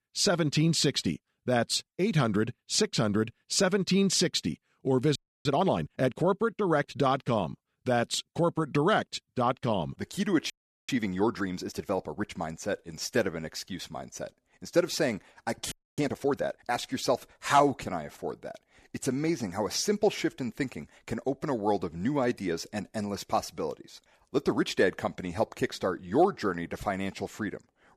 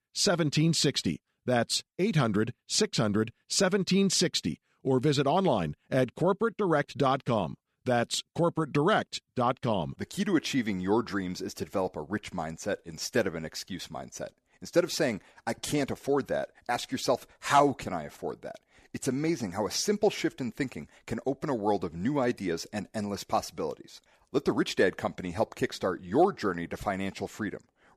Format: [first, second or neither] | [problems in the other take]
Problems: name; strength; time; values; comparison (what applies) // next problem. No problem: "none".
second | audio freezing; at 5 s, at 11 s and at 16 s